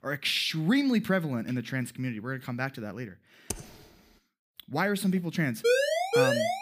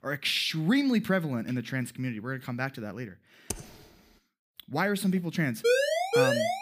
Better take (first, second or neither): neither